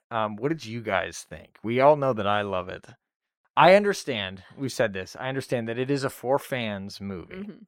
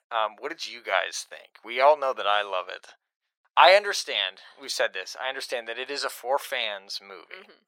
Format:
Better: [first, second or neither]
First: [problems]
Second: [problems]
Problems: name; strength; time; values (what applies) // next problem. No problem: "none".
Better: first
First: none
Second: thin; very; fading below 600 Hz